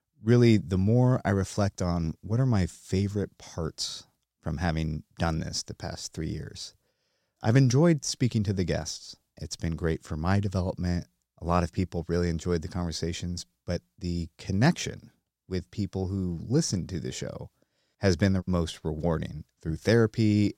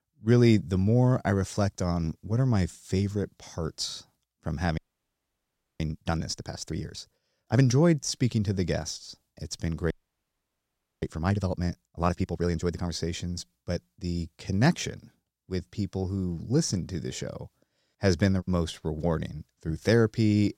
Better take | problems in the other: first | audio freezing; at 5 s for 1 s and at 10 s for 1 s

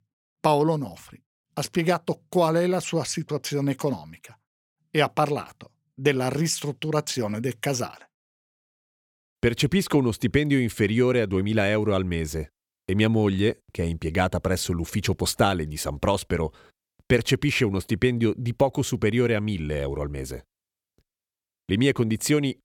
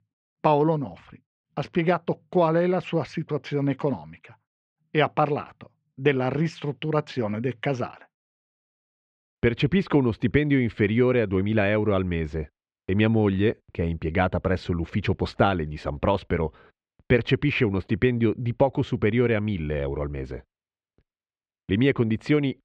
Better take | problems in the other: first | muffled; very; fading above 3 kHz

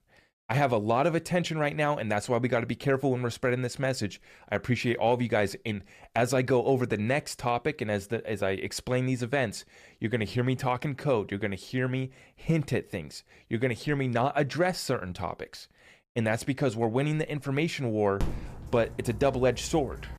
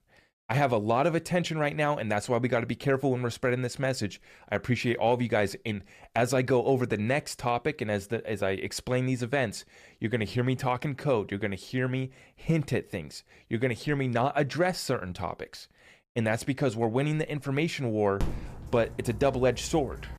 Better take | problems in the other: neither | dog barking; noticeable; from 18 s on; peak 7 dB below the speech; the same in both

